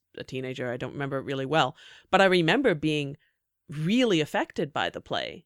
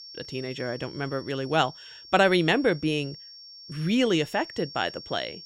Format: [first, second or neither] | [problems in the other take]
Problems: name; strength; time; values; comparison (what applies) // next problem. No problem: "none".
first | high-pitched whine; noticeable; throughout; 5.5 kHz, 15 dB below the speech